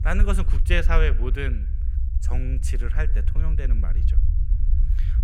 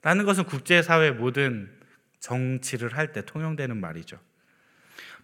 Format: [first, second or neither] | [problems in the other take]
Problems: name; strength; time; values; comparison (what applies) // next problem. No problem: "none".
second | low rumble; noticeable; throughout; 15 dB below the speech